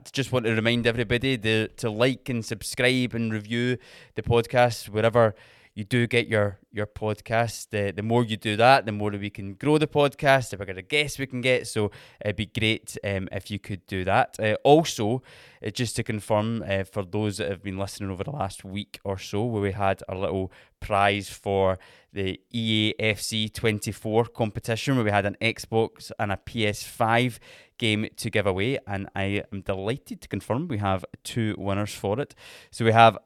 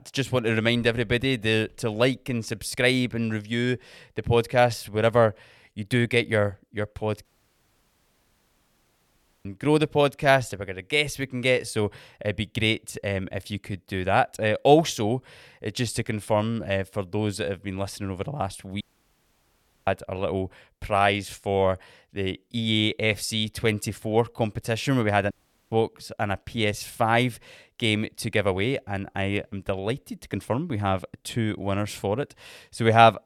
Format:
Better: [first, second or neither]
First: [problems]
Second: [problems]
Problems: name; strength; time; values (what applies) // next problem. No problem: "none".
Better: first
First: none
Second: audio cutting out; at 7.5 s for 2 s, at 19 s for 1 s and at 25 s